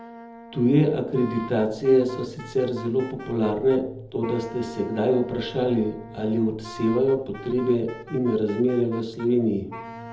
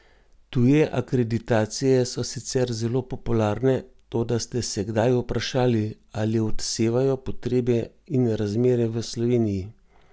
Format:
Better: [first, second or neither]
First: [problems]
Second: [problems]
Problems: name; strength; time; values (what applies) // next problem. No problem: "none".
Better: second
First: background sound (Wind instrument, woodwind instrument); 17 dB below the speech // room echo; dies away in 0.8 s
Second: none